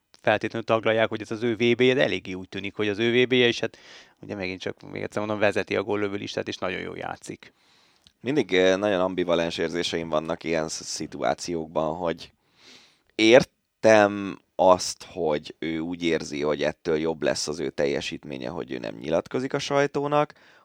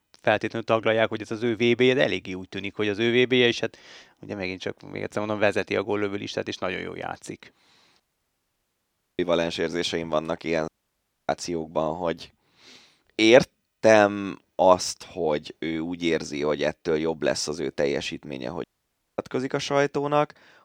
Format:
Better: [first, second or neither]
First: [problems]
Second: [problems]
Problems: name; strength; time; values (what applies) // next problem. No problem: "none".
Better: first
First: none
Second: audio cutting out; at 8 s for 1 s, at 11 s for 0.5 s and at 19 s for 0.5 s